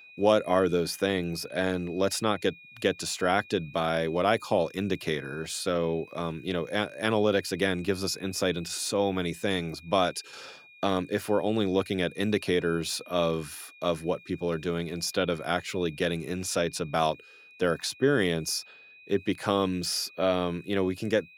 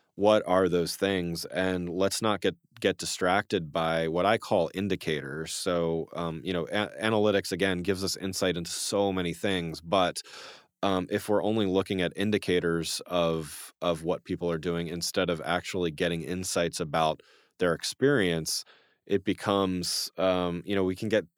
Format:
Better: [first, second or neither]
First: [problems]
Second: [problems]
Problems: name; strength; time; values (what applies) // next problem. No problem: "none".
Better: second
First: high-pitched whine; faint; throughout; 2.5 kHz, 20 dB below the speech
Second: none